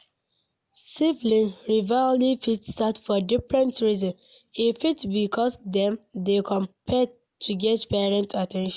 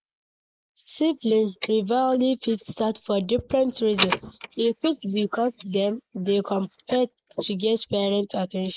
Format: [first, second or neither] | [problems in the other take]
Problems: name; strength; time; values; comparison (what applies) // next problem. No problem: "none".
first | noise reduction (neural mask model Resemble Enhance denoiser)